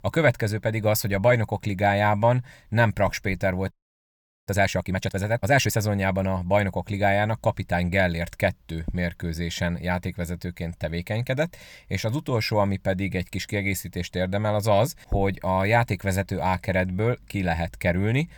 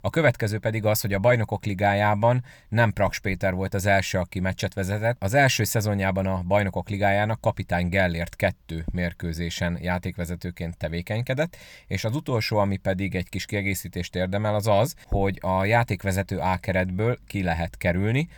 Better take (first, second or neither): second